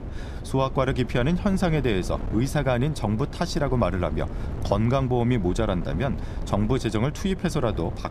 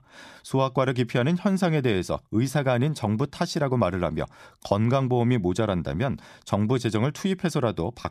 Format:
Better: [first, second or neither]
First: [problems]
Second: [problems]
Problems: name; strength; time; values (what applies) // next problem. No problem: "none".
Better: second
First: wind noise on the microphone; occasional gusts; 15 dB below the speech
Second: none